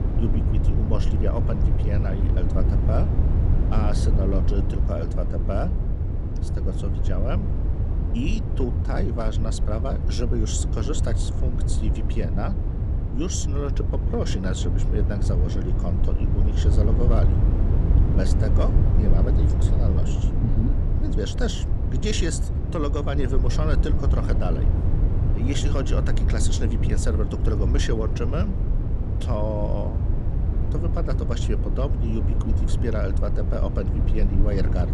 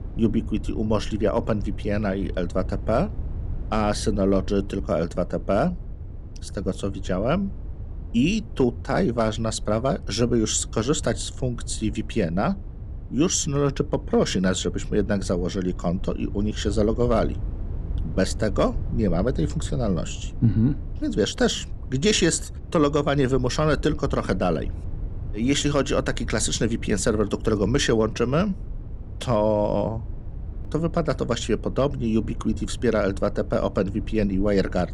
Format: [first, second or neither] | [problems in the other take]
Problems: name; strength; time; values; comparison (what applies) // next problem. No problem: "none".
second | low rumble; loud; throughout; 4 dB below the speech; faint in the second